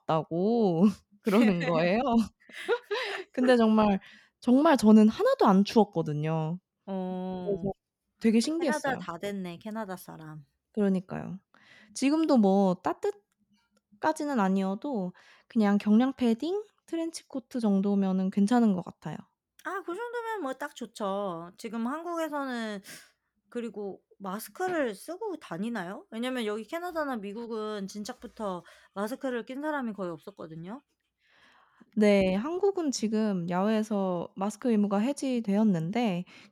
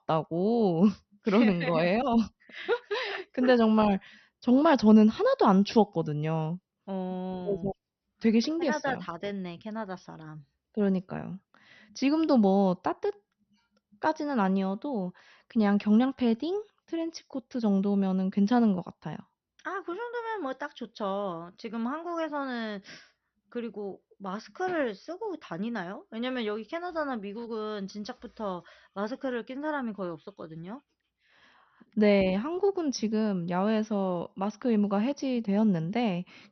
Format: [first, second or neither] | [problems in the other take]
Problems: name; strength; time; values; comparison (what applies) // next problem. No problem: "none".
first | garbled, watery; slightly; nothing above 6 kHz